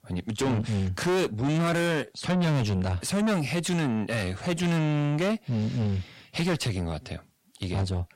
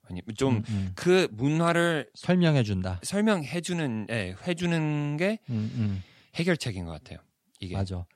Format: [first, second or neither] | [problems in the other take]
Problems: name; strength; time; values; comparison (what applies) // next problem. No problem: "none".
second | distortion; heavy; 6 dB below the speech